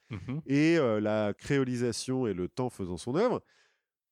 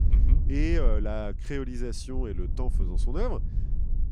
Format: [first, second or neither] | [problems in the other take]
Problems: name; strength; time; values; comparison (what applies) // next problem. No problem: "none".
first | wind noise on the microphone; occasional gusts; 15 dB below the speech